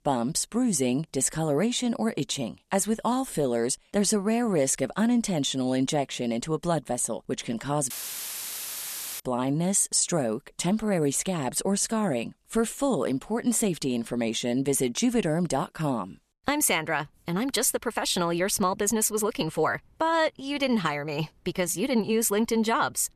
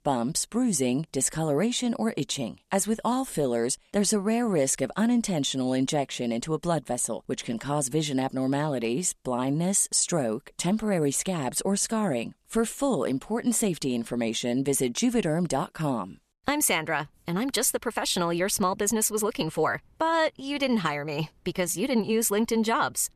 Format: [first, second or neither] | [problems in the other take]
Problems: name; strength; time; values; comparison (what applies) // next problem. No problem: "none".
second | audio cutting out; filled with static; at 8 s for 1.5 s